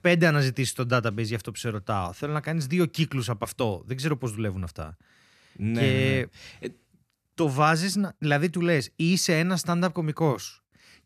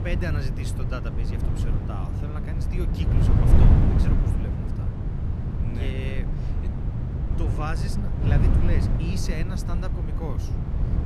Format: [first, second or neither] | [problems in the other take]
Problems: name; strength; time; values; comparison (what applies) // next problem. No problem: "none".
first | wind noise on the microphone; heavy; 1 dB above the speech